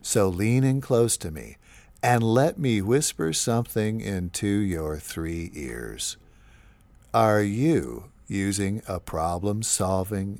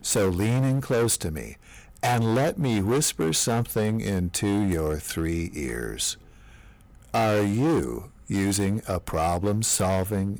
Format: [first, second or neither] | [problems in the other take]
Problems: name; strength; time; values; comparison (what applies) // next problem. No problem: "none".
first | distortion; heavy; 14% of the sound clipped